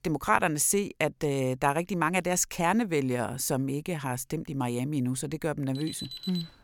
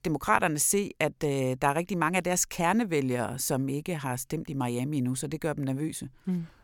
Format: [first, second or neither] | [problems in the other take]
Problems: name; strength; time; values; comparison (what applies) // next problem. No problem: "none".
second | alarm; noticeable; at 6 s; peak 9 dB below the speech